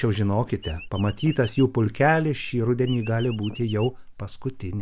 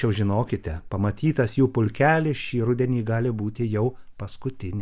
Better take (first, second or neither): second